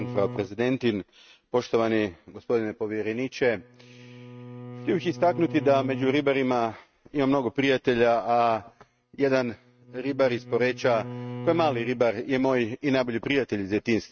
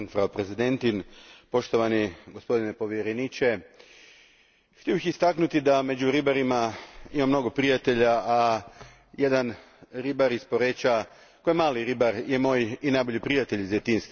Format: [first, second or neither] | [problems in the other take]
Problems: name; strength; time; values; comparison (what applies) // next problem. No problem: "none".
second | noise reduction (neural mask model RNNoise)